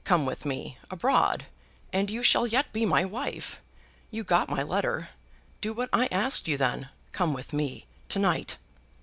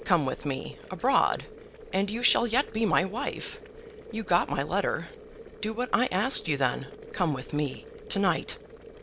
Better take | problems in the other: first | background sound (Boiling); 17 dB below the speech

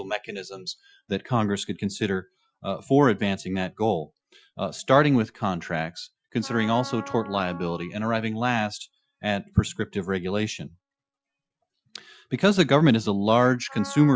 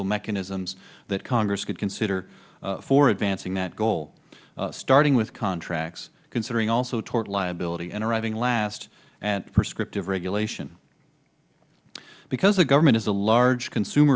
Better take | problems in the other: second | noise reduction (classical method Wiener filter)

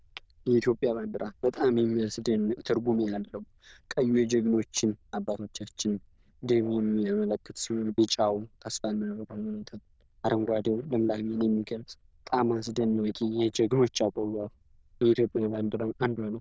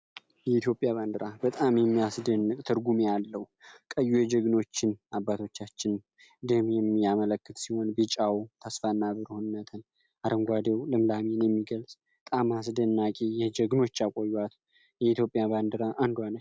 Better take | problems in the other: second | noise reduction (neural diffusion model UNIVERSE++)

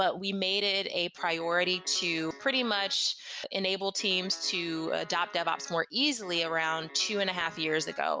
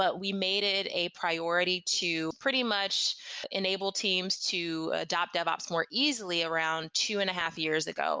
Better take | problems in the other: second | background sound (Guitar); 18 dB below the speech

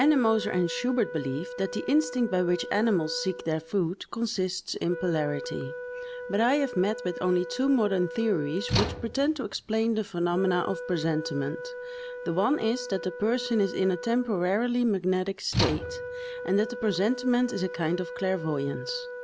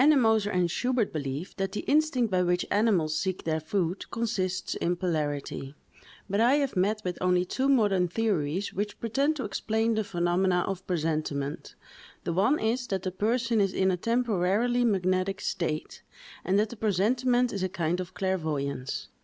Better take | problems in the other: second | background sound (Slam / Tools + Wind instrument, woodwind instrument); 9 dB below the speech

